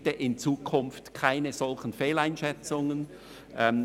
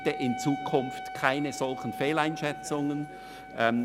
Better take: first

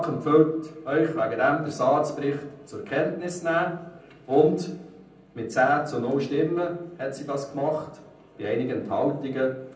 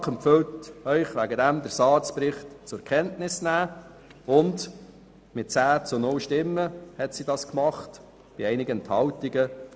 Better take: second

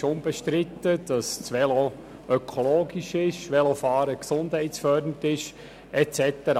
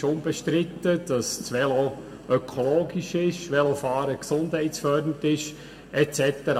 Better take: first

